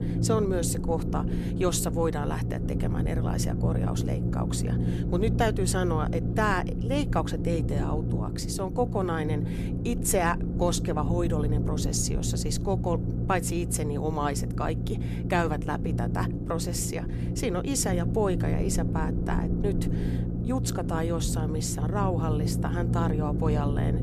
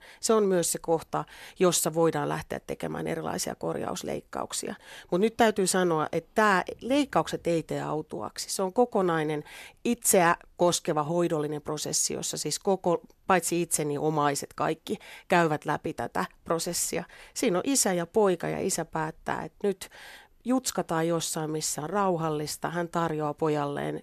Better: second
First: low rumble; loud; throughout; 7 dB below the speech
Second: none

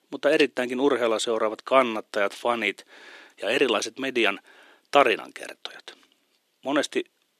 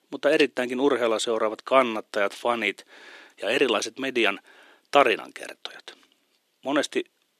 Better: neither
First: thin; somewhat; fading below 300 Hz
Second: thin; somewhat; fading below 300 Hz

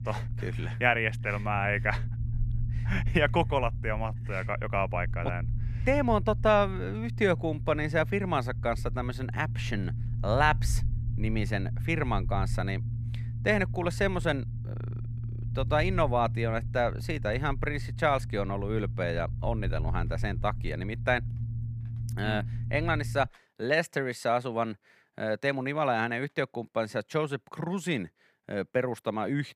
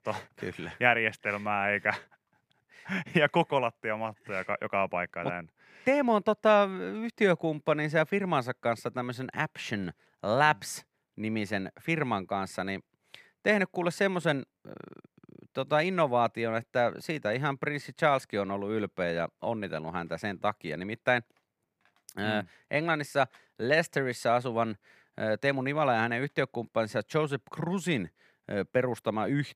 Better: second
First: low rumble; noticeable; until 23 s; 20 dB below the speech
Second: none

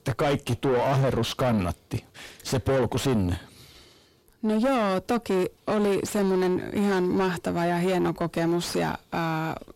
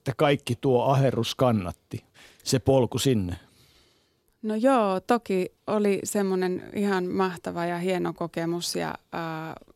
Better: second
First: distortion; heavy; 5 dB below the speech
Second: none

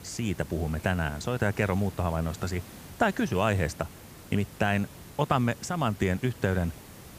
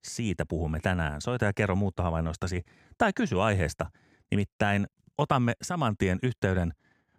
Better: second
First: hiss; noticeable; throughout; 15 dB below the speech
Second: none

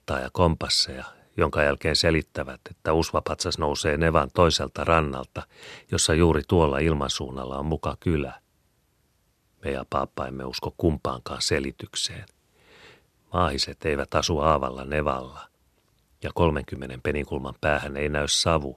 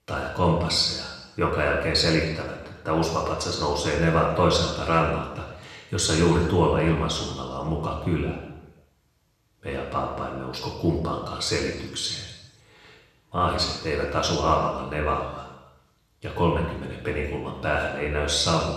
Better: first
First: none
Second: room echo; noticeable; dies away in 0.9 s // off-mic speech; far

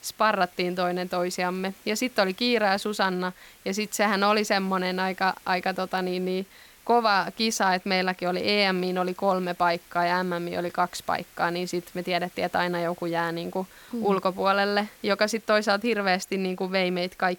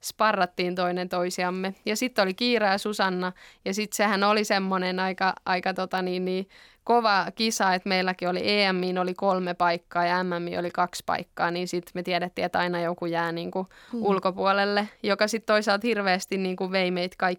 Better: second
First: hiss; faint; throughout; 25 dB below the speech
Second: none

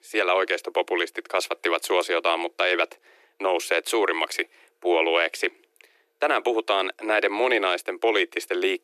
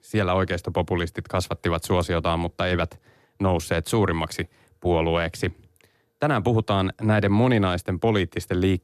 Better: second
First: thin; very; fading below 350 Hz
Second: none

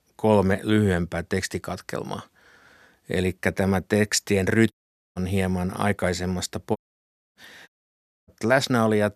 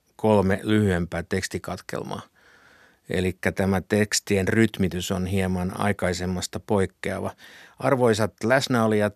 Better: second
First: audio cutting out; at 4.5 s, at 7 s for 0.5 s and at 7.5 s for 0.5 s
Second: none

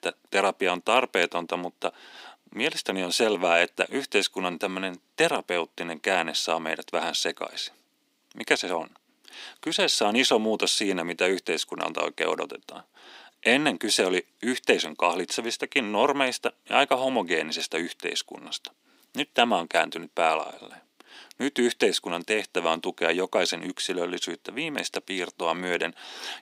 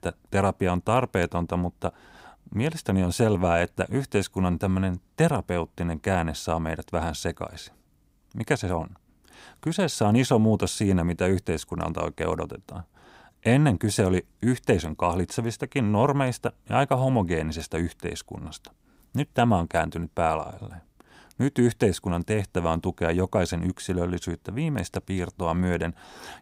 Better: second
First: thin; somewhat; fading below 250 Hz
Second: none

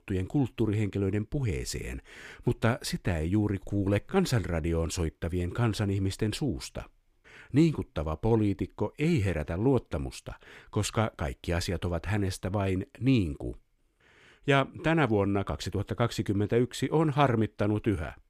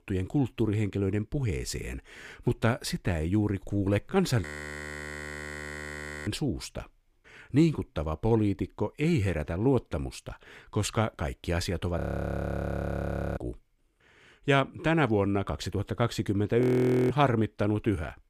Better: first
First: none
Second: audio freezing; at 4.5 s for 2 s, at 12 s for 1.5 s and at 17 s

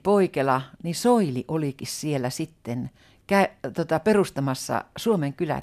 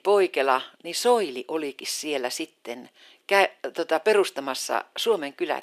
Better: first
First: none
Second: thin; somewhat; fading below 350 Hz

